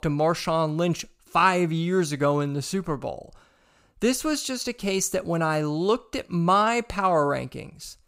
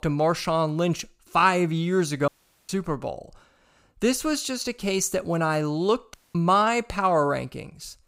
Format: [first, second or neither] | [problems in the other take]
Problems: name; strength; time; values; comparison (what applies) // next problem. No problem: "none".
first | audio cutting out; at 2.5 s and at 6 s